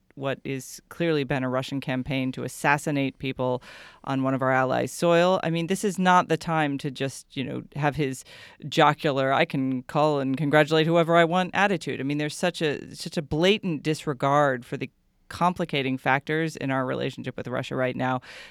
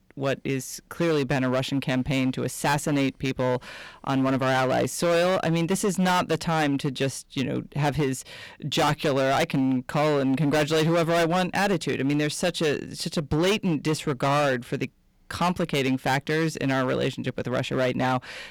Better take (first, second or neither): first